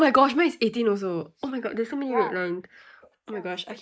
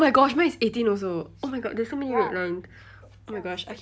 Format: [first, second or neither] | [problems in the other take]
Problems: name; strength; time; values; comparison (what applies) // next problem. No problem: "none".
second | noise reduction (neural mask model Resemble Enhance denoiser)